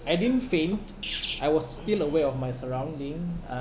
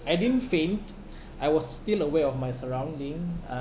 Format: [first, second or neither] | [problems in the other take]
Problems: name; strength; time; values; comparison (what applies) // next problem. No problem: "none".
second | background sound (Sneeze); 14 dB below the speech